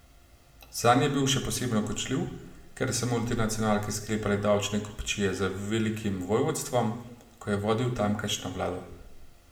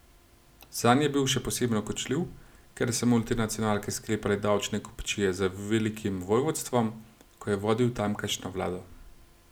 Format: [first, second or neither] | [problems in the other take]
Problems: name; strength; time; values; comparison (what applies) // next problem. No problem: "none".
second | room echo; dies away in 0.7 s